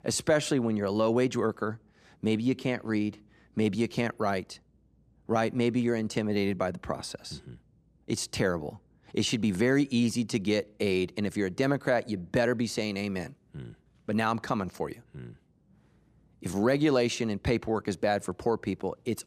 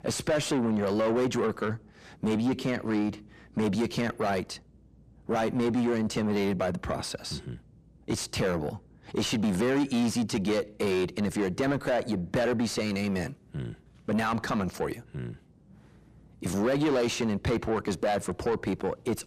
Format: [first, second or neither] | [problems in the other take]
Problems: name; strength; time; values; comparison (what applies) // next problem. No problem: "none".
first | distortion; heavy; 7 dB below the speech